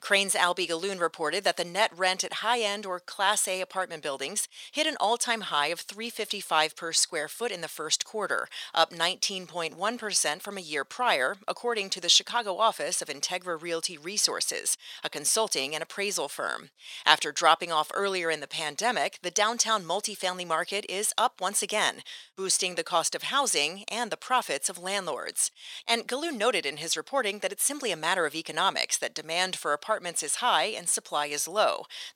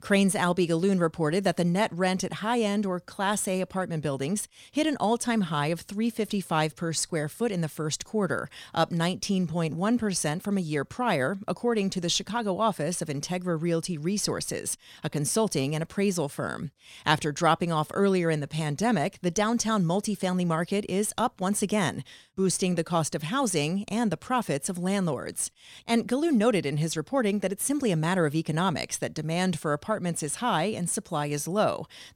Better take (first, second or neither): second